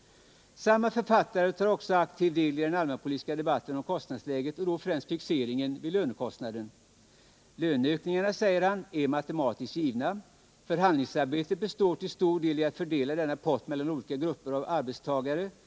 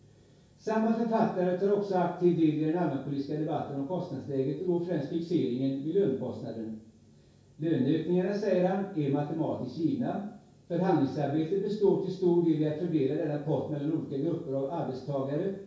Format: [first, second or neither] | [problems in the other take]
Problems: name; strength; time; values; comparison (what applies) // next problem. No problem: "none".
first | room echo; dies away in 0.6 s